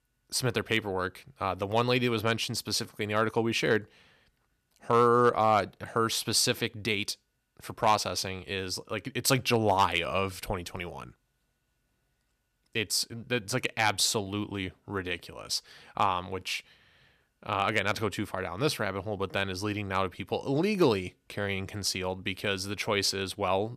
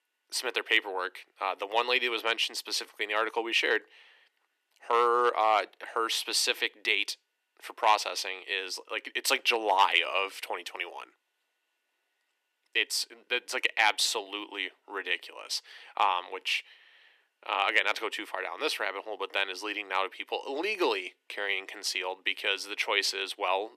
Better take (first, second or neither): first